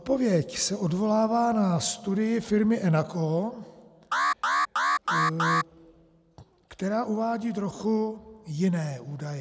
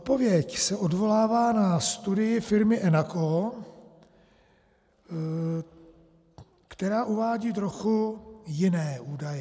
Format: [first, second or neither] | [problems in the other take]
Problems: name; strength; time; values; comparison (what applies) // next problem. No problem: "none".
second | background sound (Alarm); 2 dB above the speech